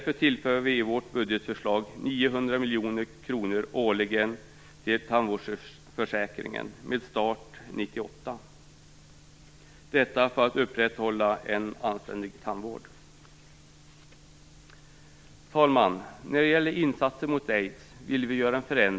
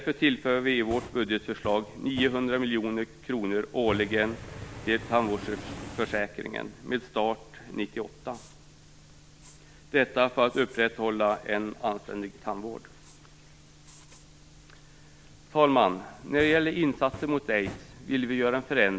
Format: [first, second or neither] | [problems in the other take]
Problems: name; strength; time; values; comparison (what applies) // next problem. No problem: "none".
first | background sound (Fire); 18 dB below the speech